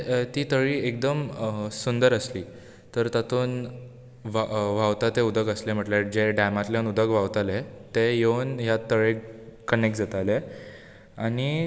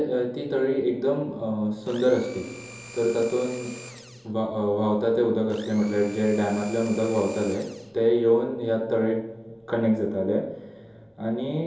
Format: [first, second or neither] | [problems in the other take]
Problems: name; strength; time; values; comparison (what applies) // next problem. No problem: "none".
first | background sound (Domestic sounds, home sounds); 19 dB below the speech // room echo; dies away in 2.8 s